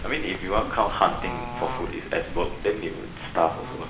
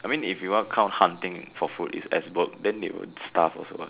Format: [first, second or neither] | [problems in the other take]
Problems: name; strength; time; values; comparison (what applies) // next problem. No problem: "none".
second | background sound (Bird / Fowl); 6 dB below the speech // room echo; dies away in 0.7 s